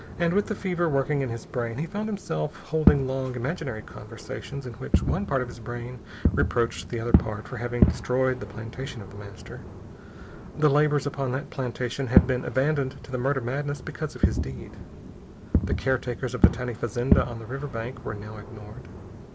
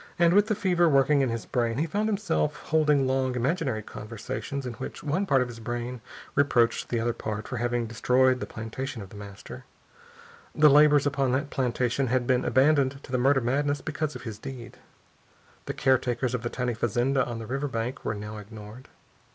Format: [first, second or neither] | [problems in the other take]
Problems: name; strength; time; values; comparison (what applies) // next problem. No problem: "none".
second | background sound (Fireworks); 1 dB below the speech